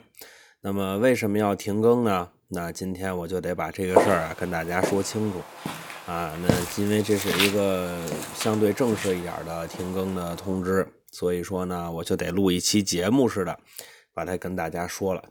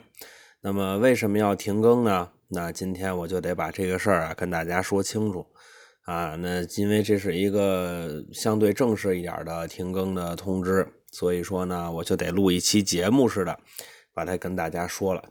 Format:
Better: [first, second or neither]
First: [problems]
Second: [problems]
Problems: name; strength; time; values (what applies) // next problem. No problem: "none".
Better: second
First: footsteps; loud; from 4 to 8.5 s; peak 4 dB above the speech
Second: none